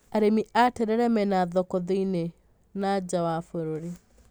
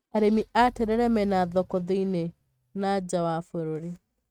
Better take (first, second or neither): first